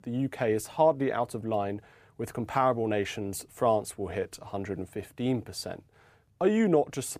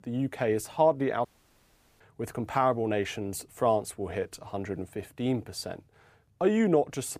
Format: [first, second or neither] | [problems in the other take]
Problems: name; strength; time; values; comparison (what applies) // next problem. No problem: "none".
first | audio cutting out; at 1.5 s for 1 s